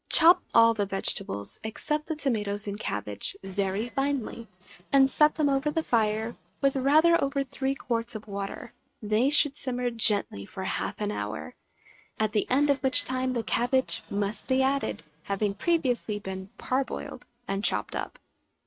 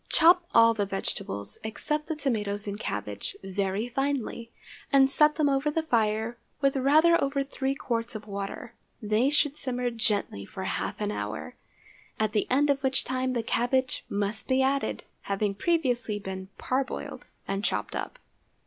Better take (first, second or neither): second